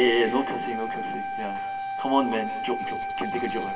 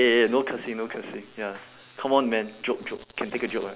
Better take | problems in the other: second | background sound (Wind instrument, woodwind instrument); 4 dB below the speech // room echo; dies away in 1.4 s

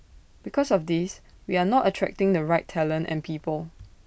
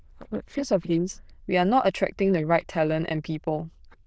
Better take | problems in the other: first | noise reduction (neural diffusion model UNIVERSE++)

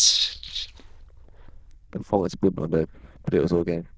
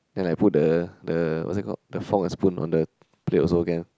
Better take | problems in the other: second | noise reduction (neural diffusion model UNIVERSE++)

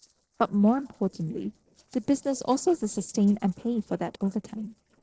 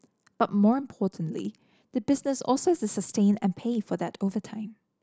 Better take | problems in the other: second | noise reduction (neural separator model SepFormer DNS4)

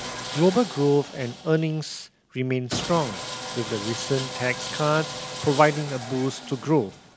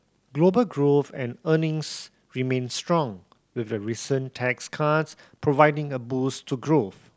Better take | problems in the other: second | background sound (Sawing); 10 dB below the speech

